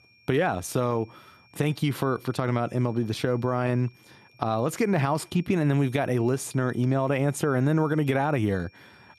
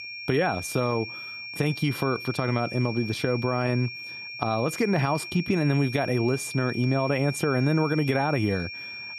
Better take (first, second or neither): first